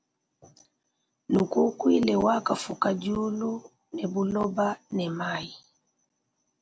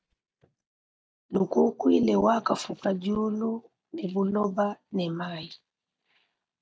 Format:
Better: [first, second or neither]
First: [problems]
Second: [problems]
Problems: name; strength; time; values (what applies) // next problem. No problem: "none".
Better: first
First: none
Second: noise reduction (neural mask model DeepFilterNet 3)